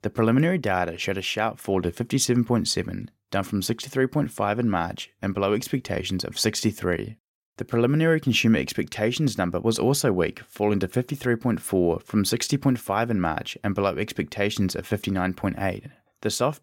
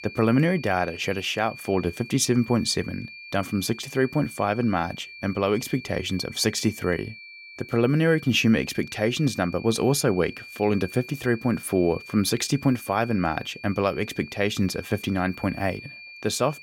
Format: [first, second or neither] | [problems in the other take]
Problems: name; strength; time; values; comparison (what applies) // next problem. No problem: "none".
first | high-pitched whine; noticeable; throughout; 2.5 kHz, 15 dB below the speech